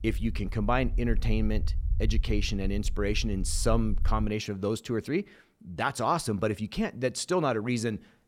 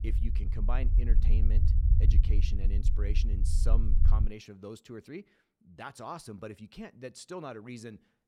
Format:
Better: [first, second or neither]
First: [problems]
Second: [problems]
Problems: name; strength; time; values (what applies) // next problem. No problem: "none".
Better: first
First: low rumble; faint; until 4.5 s; 25 dB below the speech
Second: low rumble; loud; until 4.5 s; 5 dB below the speech